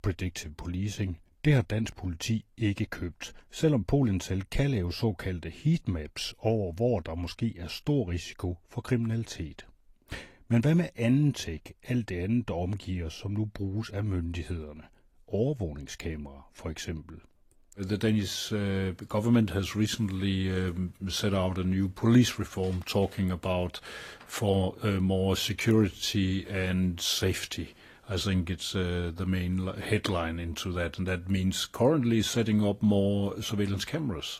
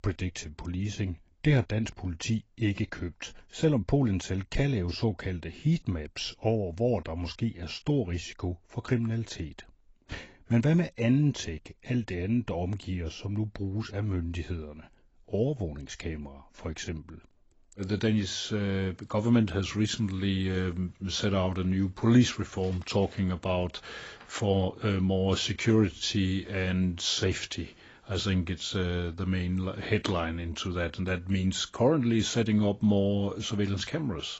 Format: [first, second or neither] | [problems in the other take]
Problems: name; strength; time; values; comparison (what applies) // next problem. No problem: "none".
first | garbled, watery; badly; nothing above 7.5 kHz; slightly in the first